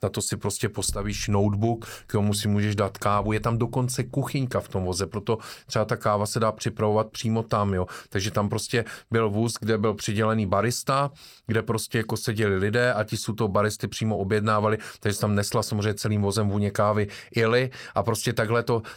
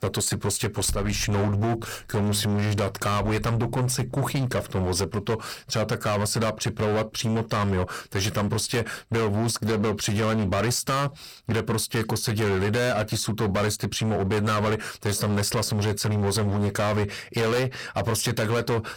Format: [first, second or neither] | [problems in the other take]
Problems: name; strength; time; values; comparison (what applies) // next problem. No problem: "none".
first | distortion; heavy; 25% of the sound clipped